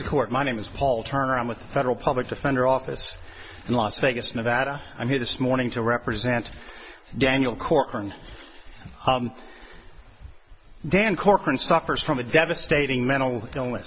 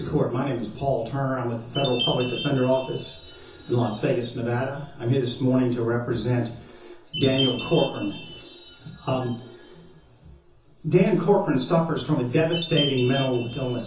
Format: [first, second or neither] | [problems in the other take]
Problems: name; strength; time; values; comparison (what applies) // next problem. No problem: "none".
first | background sound (Chime); 12 dB below the speech // room echo; dies away in 0.6 s